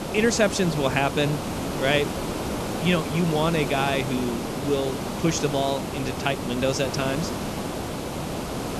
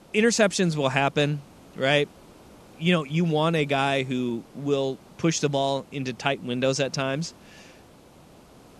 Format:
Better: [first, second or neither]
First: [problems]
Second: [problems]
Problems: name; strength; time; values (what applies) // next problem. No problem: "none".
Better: second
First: hiss; loud; throughout; 4 dB below the speech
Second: hiss; faint; throughout; 25 dB below the speech